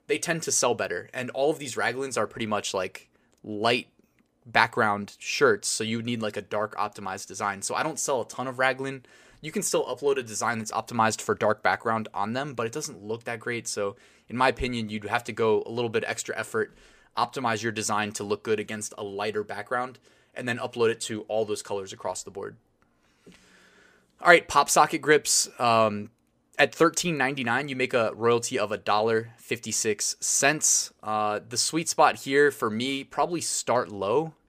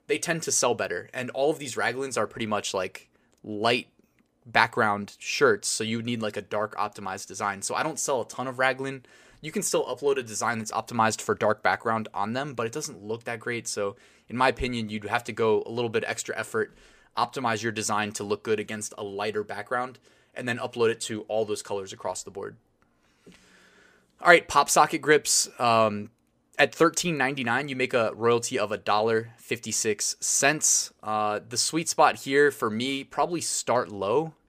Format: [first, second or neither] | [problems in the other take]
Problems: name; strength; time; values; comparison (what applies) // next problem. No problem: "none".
neither | none